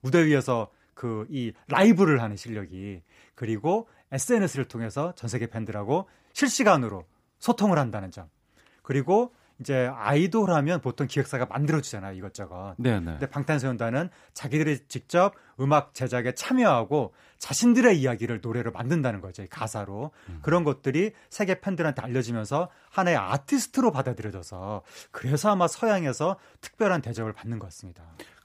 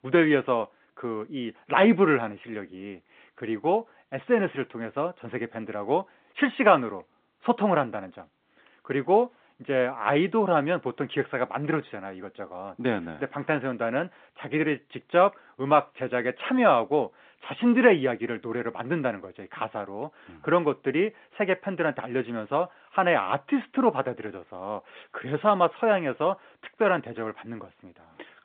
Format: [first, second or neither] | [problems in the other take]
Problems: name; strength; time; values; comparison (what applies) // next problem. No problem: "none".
first | phone-call audio